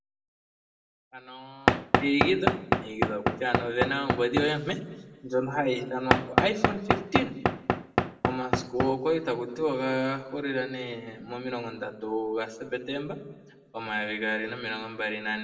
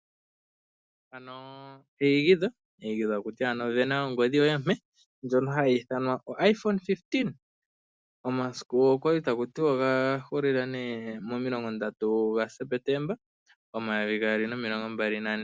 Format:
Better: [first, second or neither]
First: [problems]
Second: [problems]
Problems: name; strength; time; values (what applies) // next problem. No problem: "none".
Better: second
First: background sound (Knock / Wood); 3 dB above the speech // room echo; dies away in 1.1 s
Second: none